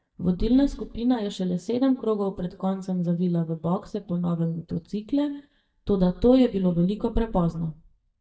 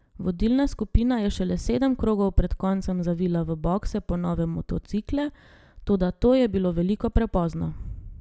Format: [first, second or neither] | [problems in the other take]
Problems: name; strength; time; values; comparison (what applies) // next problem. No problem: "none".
second | noise reduction (neural mask model DeepFilterNet 3)